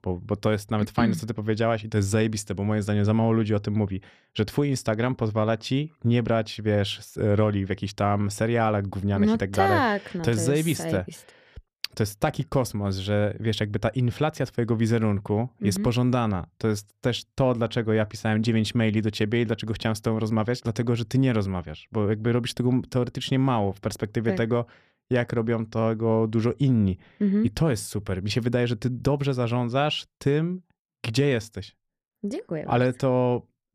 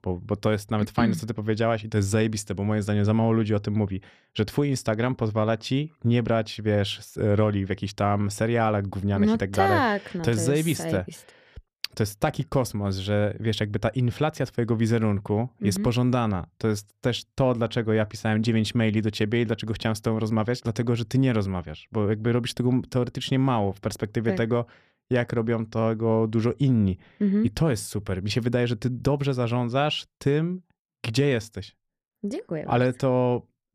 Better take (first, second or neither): neither